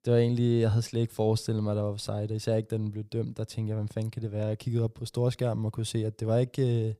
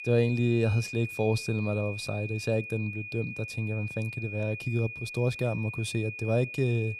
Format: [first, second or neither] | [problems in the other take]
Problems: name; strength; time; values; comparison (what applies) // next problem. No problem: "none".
first | high-pitched whine; loud; throughout; 2.5 kHz, 8 dB below the speech